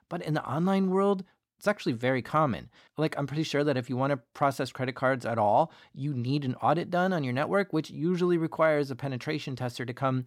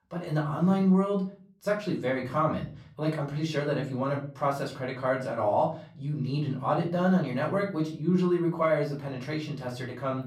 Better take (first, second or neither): first